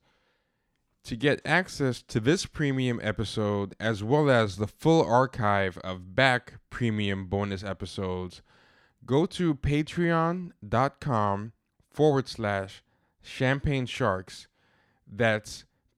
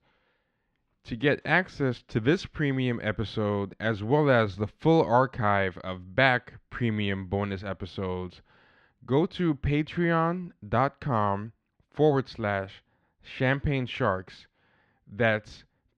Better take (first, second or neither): first